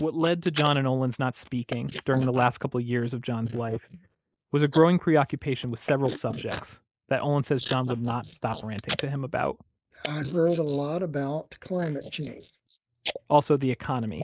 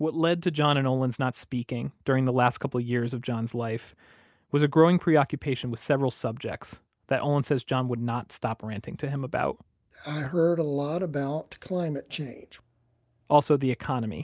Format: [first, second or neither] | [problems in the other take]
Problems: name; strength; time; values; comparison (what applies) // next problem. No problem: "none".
second | noise reduction (neural mask model Resemble Enhance denoiser)